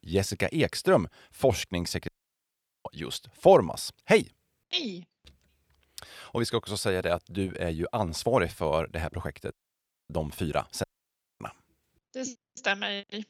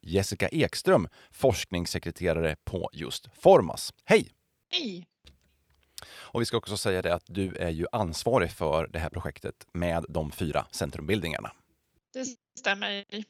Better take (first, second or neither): second